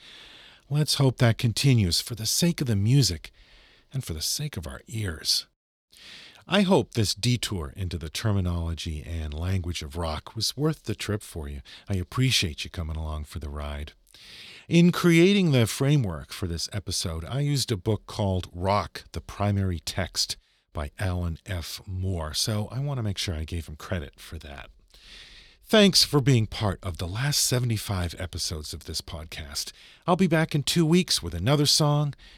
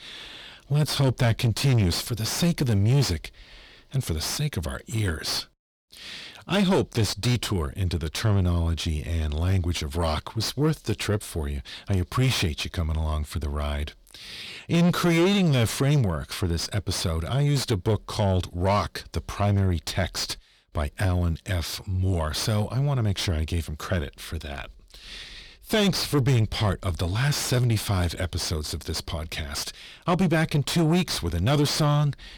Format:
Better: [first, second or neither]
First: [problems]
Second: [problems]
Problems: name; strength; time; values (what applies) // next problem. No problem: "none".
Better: first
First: none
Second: distortion; heavy; 5 dB below the speech